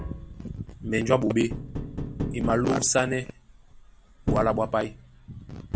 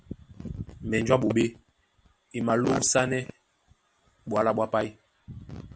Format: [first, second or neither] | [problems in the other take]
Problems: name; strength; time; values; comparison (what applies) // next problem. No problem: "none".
second | background sound (Tap); 7 dB below the speech